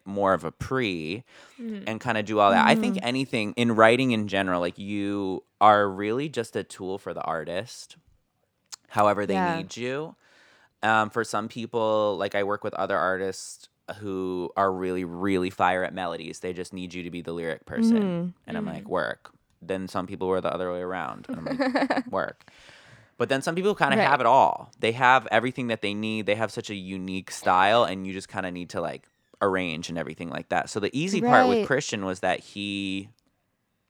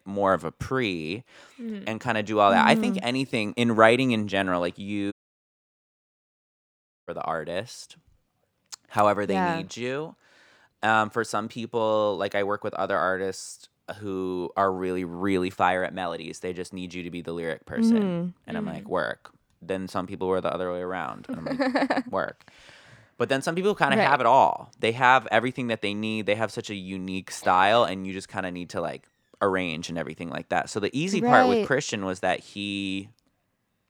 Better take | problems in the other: first | audio cutting out; at 5 s for 2 s

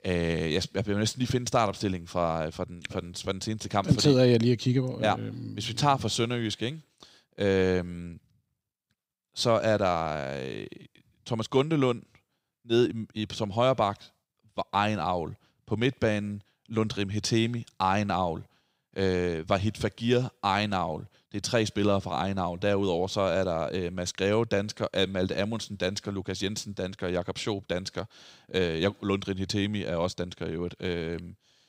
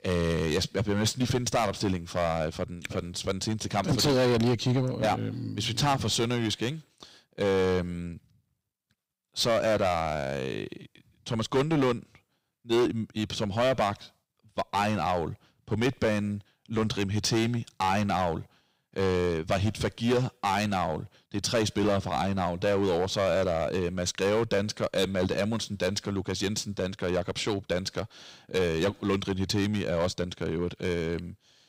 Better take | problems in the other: first | distortion; heavy; 7% of the sound clipped

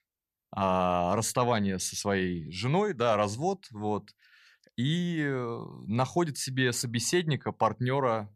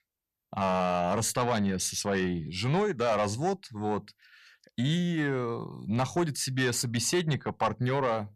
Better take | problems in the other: first | distortion; slight; 10 dB below the speech

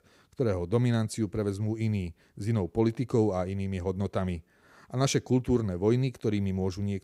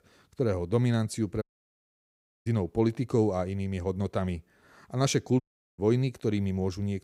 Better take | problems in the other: first | audio cutting out; at 1.5 s for 1 s and at 5.5 s

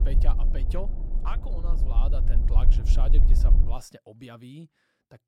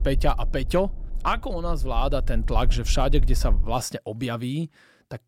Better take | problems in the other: second | low rumble; loud; until 3.5 s; 4 dB below the speech; faint in the second

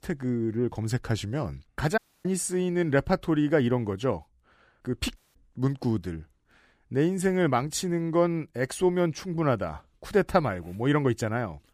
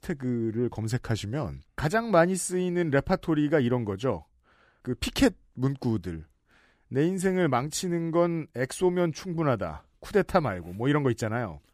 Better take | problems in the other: second | audio cutting out; at 2 s and at 5 s

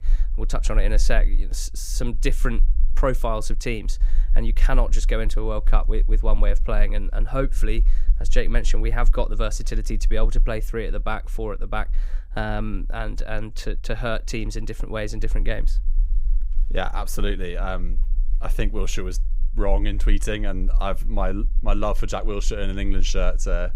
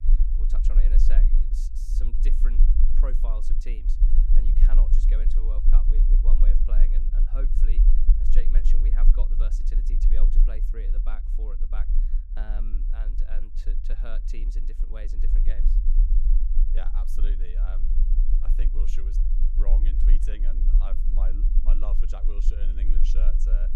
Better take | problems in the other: first | low rumble; loud; throughout; 4 dB below the speech; faint in the first

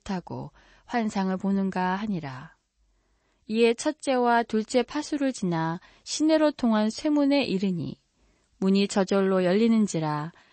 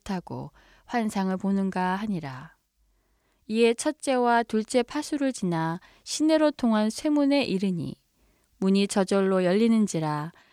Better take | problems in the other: second | garbled, watery; slightly; nothing above 8 kHz

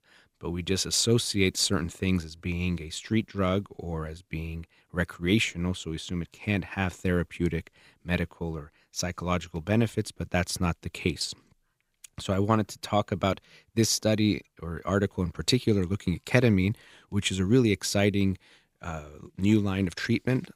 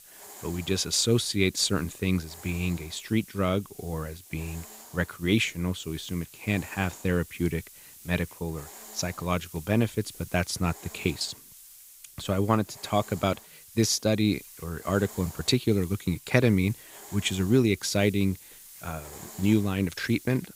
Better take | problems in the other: first | hiss; noticeable; throughout; 20 dB below the speech

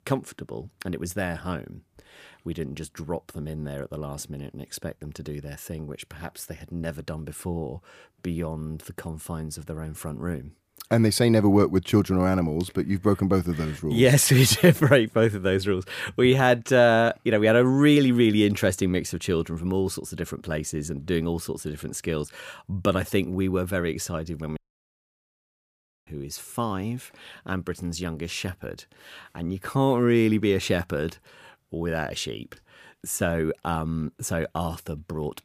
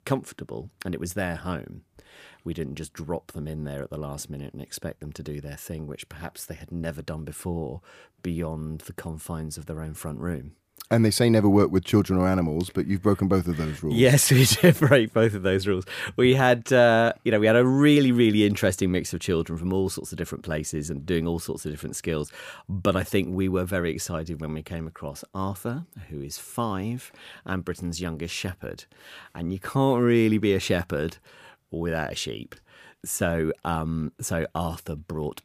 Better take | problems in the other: second | audio cutting out; at 25 s for 1.5 s

